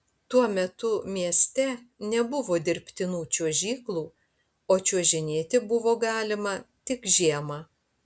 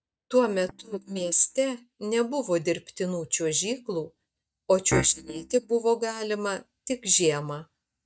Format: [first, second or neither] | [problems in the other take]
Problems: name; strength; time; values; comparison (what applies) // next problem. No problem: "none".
first | noise reduction (neural mask model DeepFilterNet 3)